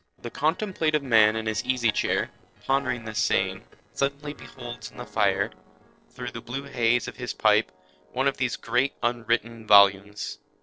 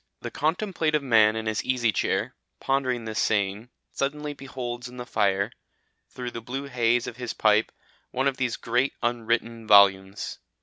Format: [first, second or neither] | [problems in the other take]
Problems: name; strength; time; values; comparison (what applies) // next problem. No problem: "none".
second | noise reduction (neural separator model SepFormer DNS4)